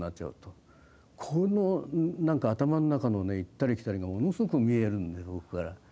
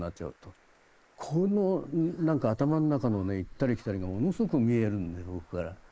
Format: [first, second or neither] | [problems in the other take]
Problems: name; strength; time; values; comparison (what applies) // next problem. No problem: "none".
first | noise reduction (neural mask model Resemble Enhance denoiser)